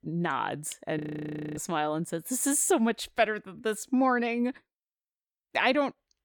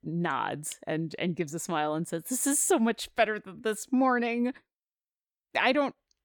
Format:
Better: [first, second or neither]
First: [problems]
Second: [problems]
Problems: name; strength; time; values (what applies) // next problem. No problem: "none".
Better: second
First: audio freezing; at 1 s for 0.5 s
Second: none